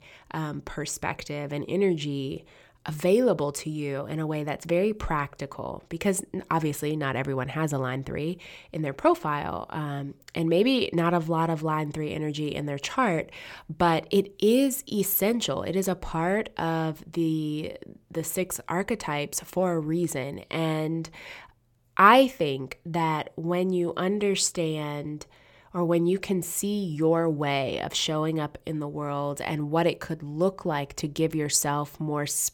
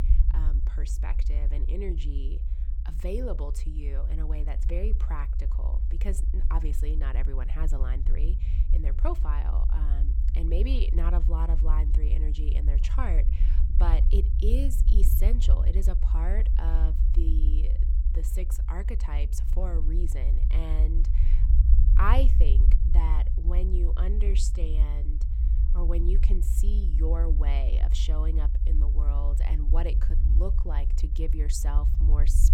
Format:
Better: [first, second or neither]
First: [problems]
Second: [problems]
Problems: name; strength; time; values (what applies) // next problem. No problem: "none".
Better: first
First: none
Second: low rumble; loud; throughout; 7 dB below the speech